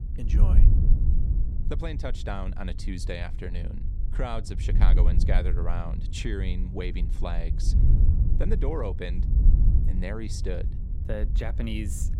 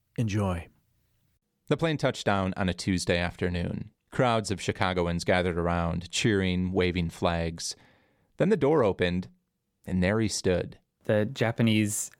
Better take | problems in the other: second | wind noise on the microphone; heavy; 7 dB below the speech

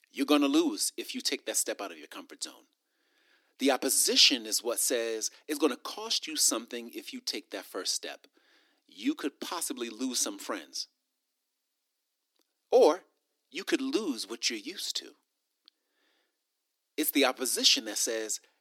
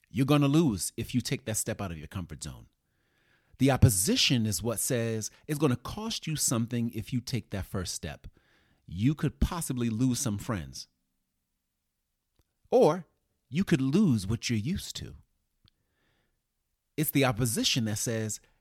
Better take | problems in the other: second | thin; somewhat; fading below 300 Hz

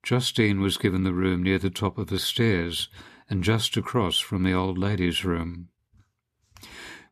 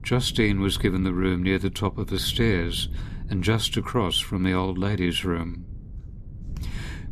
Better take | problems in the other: first | wind noise on the microphone; occasional gusts; 25 dB below the speech

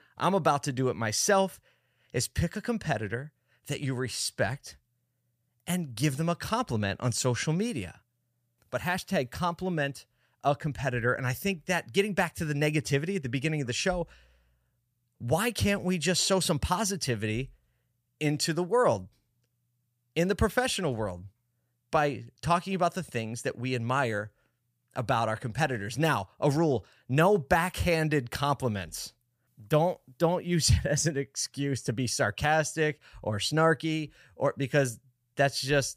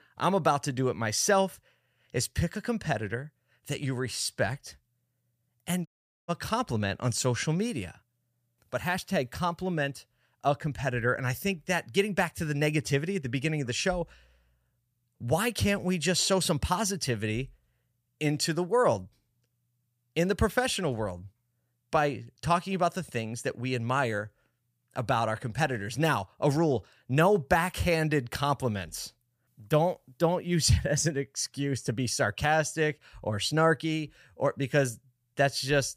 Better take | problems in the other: first | audio cutting out; at 6 s

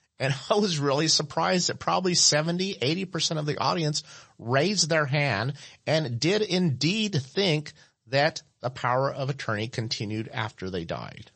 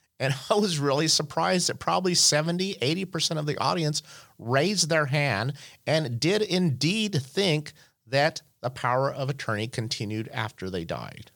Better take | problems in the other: second | garbled, watery; slightly; nothing above 8 kHz

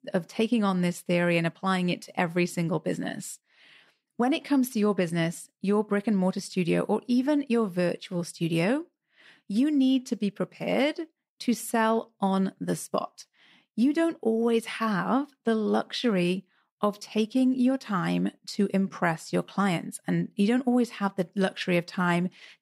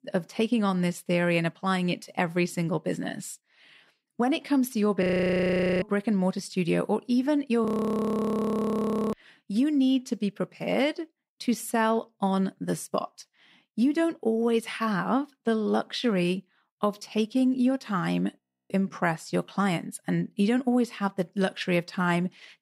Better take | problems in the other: first | audio freezing; at 5 s for 1 s, at 7.5 s for 1.5 s and at 18 s

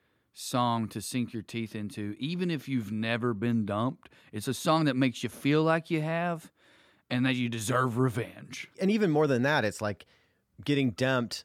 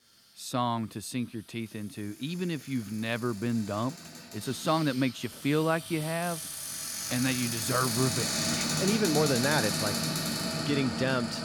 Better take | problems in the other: first | household noises; very loud; throughout; as loud as the speech

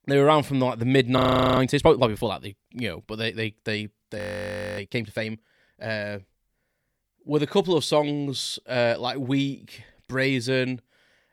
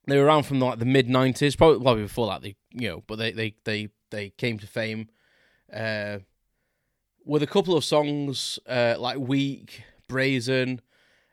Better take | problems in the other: second | audio freezing; at 1 s and at 4 s for 0.5 s

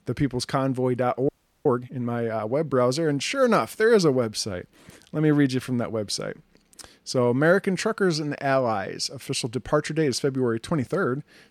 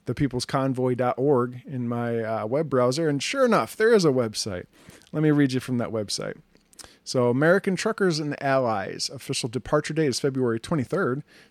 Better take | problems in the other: second | audio freezing; at 1.5 s

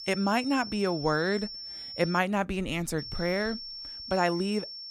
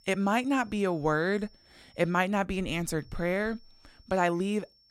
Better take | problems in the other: second | high-pitched whine; loud; until 2 s and from 3 s on; 5.5 kHz, 9 dB below the speech; faint in the second

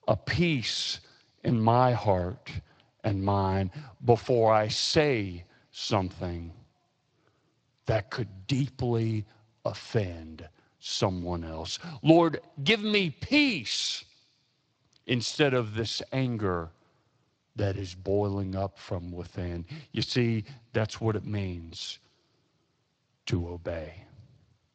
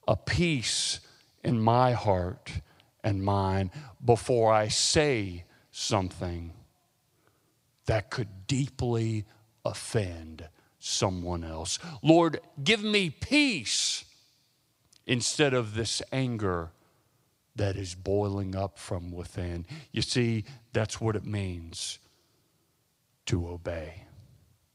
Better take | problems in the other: second | garbled, watery; slightly; nothing above 8 kHz

